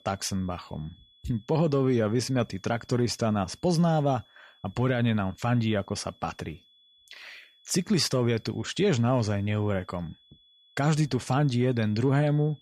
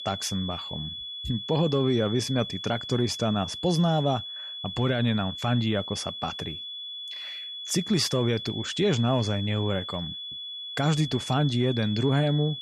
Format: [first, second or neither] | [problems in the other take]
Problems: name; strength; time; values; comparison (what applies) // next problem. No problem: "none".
first | high-pitched whine; loud; throughout; 3.5 kHz, 8 dB below the speech; faint in the first